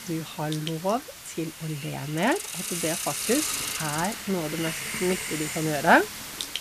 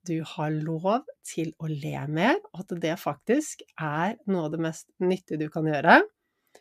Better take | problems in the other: second | hiss; loud; throughout; 4 dB below the speech

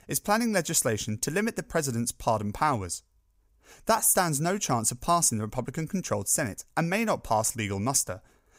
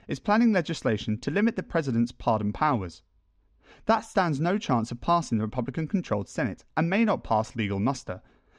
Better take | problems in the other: first | muffled; slightly; fading above 4 kHz

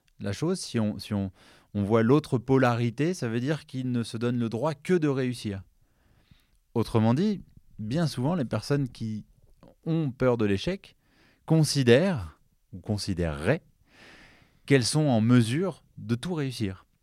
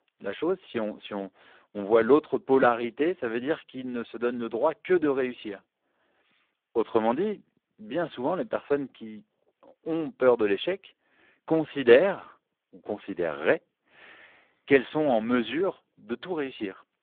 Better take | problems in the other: first | phone-call audio; poor line

